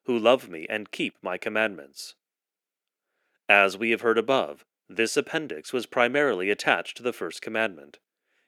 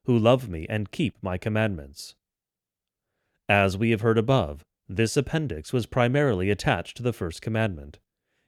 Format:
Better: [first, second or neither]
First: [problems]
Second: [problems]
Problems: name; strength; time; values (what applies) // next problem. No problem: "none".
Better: second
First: thin; somewhat; fading below 300 Hz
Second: none